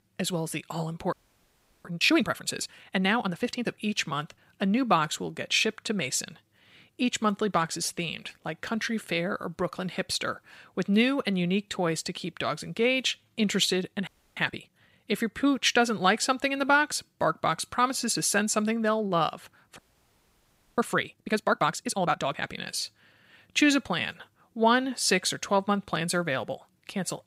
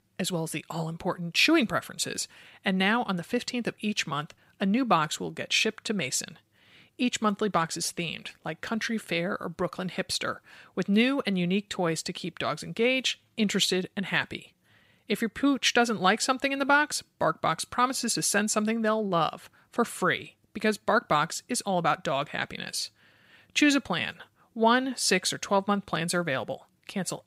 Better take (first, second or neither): second